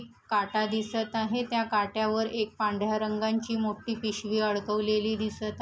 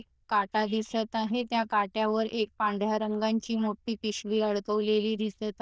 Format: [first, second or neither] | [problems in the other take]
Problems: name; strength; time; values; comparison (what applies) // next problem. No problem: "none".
first | noise reduction (neural diffusion model UNIVERSE++)